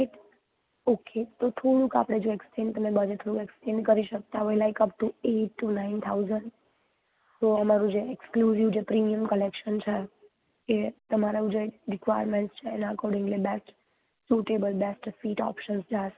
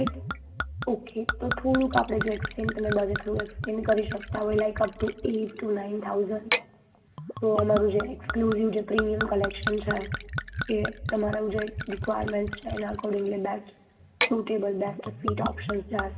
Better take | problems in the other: first | background sound (Gurgling / Chink, clink / Liquid); 6 dB below the speech // room echo; dies away in 1 s

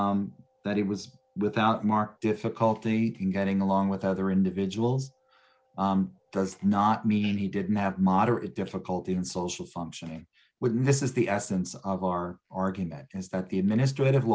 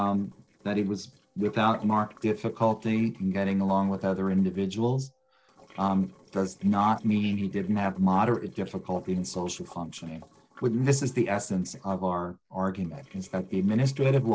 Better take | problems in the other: first | noise reduction (neural separator model SepFormer DNS4)

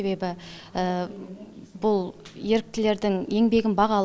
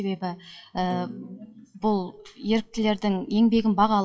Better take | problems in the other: first | noise reduction (classical method WPE with log-MMSE)

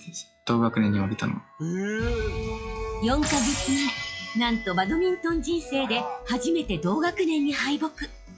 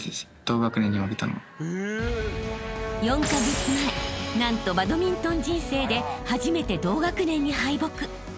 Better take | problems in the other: second | noise reduction (classical method log-MMSE)

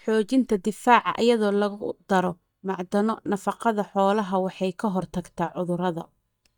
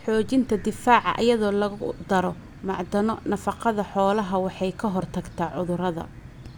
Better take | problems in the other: second | noise reduction (neural mask model DeepFilterNet 3)

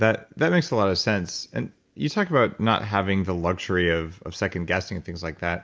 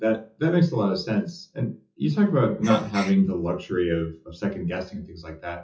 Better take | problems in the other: first | noise reduction (classical method WPE with log-MMSE)

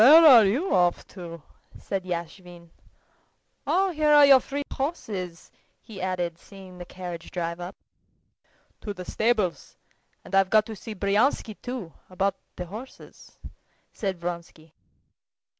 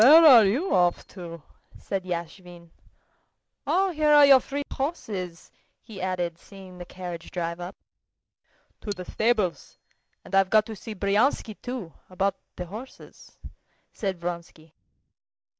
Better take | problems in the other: first | noise reduction (neural mask model DeepFilterNet 3)

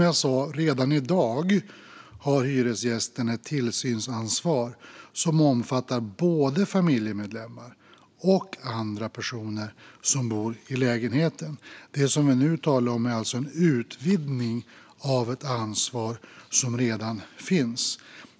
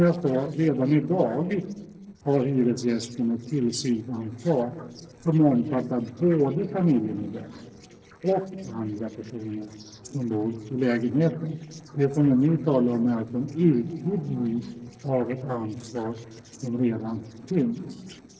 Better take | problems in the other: first | noise reduction (neural separator model SepFormer DNS4)

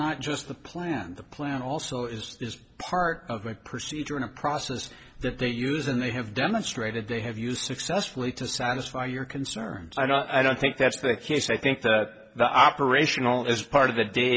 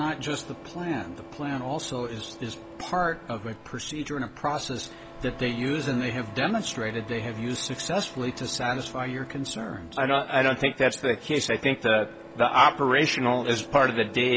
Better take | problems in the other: first | background sound (Printer); 17 dB below the speech

